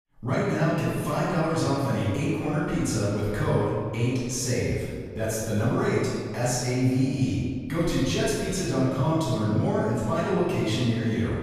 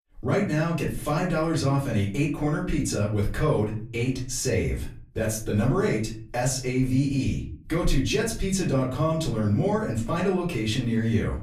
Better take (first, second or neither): second